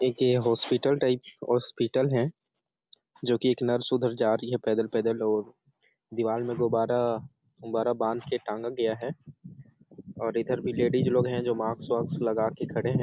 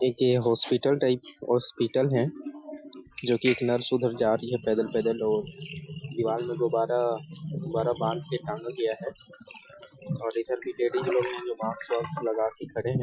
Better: first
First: none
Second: noise reduction (classical method Wiener filter)

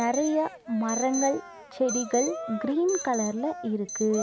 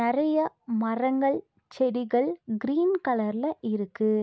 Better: second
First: background sound (Cheering + Alarm); 9 dB below the speech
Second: none

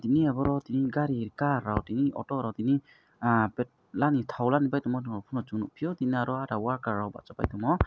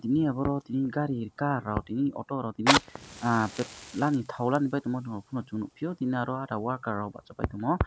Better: first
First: none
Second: background sound (Fire); 8 dB below the speech

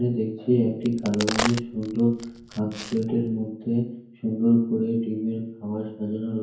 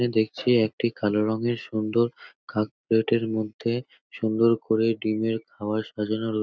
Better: second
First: background sound (Crack); 9 dB below the speech // room echo; dies away in 0.9 s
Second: none

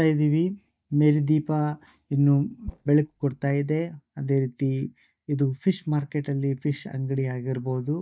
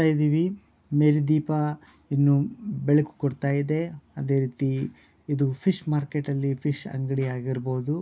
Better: second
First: noise reduction (neural mask model DeepFilterNet 3)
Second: none

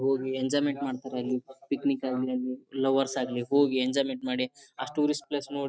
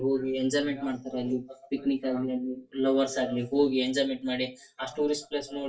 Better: first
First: none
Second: room echo; dies away in 0.2 s

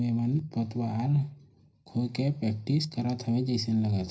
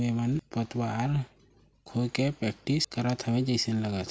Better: second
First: room echo; dies away in 0.4 s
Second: none

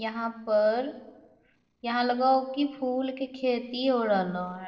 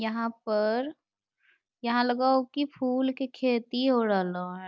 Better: second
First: noise reduction (neural separator model SepFormer DNS4)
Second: none

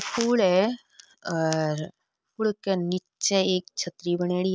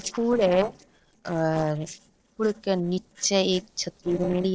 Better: first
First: none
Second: noise reduction (neural separator model SepFormer DNS4)

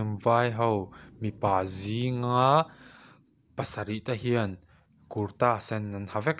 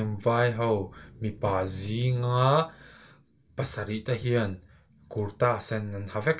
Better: first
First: none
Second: room echo; dies away in 0.2 s

